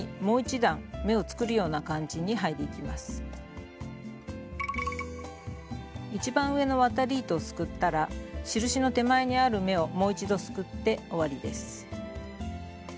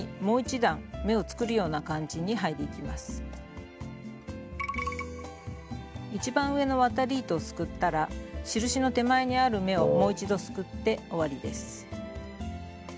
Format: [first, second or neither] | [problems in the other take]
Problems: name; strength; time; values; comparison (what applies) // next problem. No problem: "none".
first | background sound (Wind instrument, woodwind instrument); 2 dB above the speech